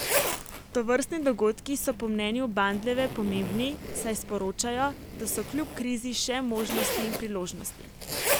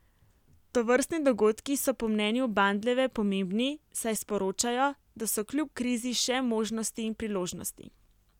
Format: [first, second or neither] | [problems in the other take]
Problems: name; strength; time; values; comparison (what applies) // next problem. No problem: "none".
second | background sound (Zipper (clothing)); 5 dB below the speech